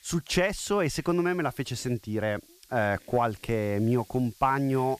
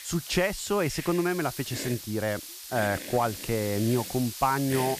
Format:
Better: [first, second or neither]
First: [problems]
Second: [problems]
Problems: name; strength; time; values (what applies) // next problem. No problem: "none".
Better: first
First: hiss; faint; throughout; 25 dB below the speech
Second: hiss; loud; throughout; 9 dB below the speech